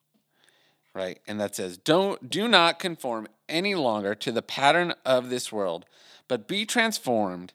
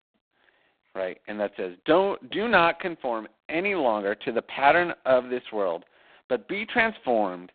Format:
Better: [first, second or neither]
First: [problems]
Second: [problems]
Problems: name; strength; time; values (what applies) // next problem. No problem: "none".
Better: first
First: none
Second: phone-call audio; poor line; nothing above 4 kHz